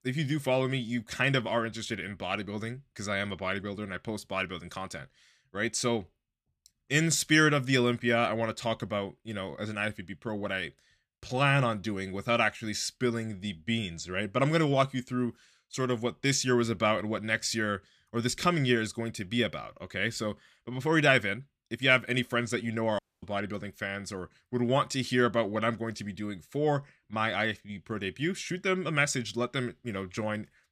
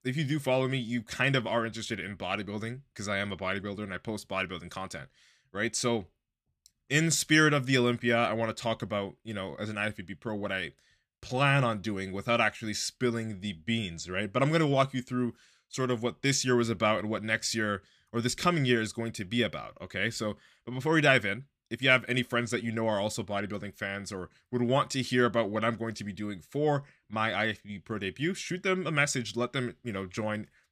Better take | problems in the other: second | audio cutting out; at 23 s

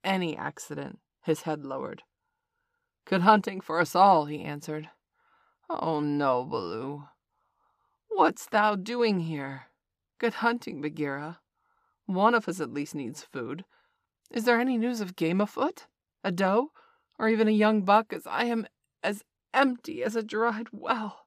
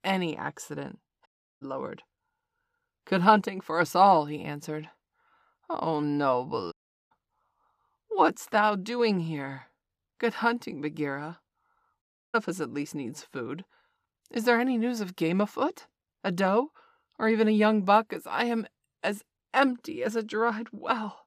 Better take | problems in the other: first | audio cutting out; at 1.5 s, at 6.5 s and at 12 s

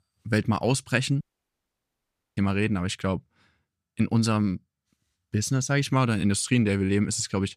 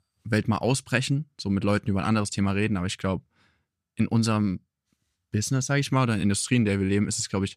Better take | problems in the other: second | audio cutting out; at 1 s for 1 s

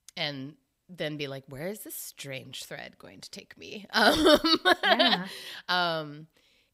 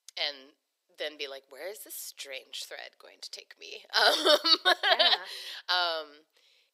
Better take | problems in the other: first | thin; very; fading below 400 Hz

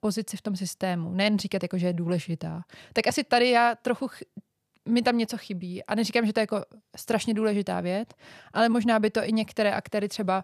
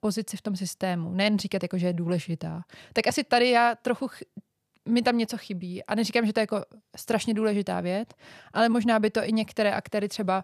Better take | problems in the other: neither | none

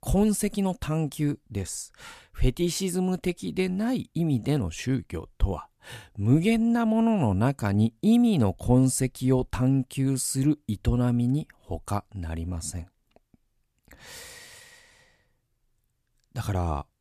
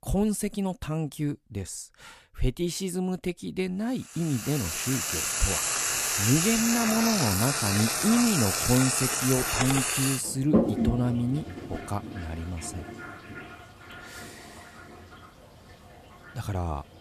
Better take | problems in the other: first | household noises; very loud; from 4.5 s on; 3 dB above the speech

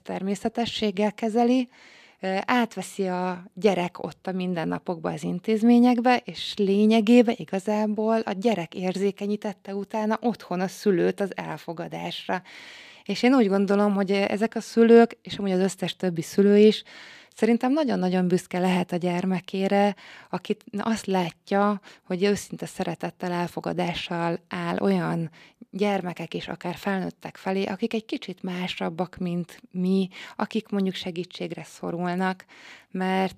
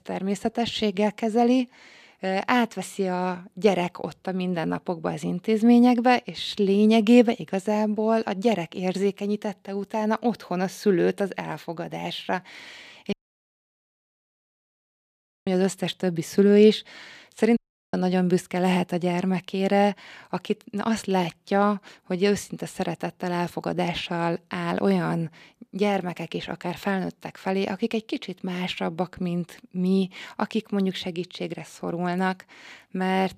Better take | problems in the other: first | audio cutting out; at 13 s for 2.5 s and at 18 s

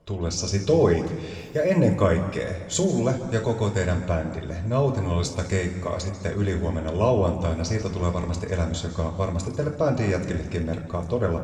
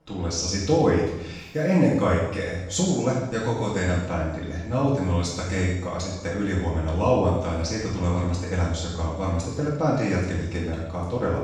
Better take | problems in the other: first | room echo; strong; dies away in 0.9 s; slight in the first // off-mic speech; far

